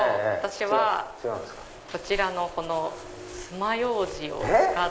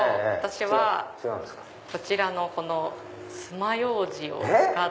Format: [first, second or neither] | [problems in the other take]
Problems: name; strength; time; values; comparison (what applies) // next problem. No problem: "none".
second | background sound (Crumpling, crinkling); 19 dB below the speech